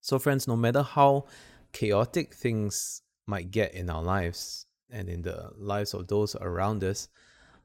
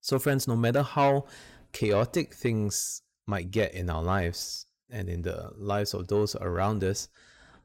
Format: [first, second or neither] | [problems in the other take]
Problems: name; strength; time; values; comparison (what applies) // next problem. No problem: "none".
first | distortion; slight; 10 dB below the speech